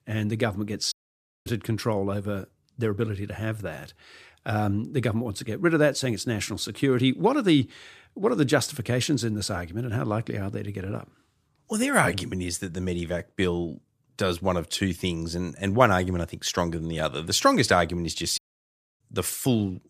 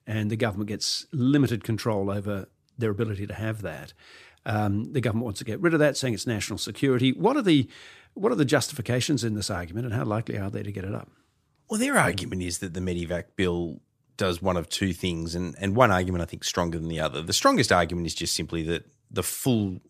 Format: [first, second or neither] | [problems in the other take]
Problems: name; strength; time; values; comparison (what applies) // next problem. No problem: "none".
second | audio cutting out; at 1 s for 0.5 s and at 18 s for 0.5 s